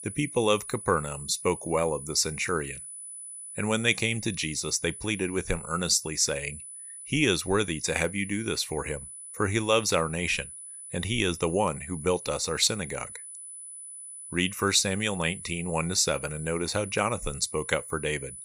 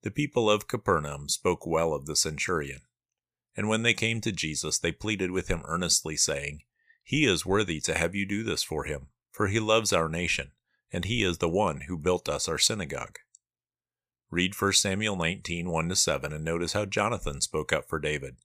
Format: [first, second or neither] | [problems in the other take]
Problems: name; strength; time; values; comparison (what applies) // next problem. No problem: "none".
second | high-pitched whine; noticeable; throughout; 10 kHz, 10 dB below the speech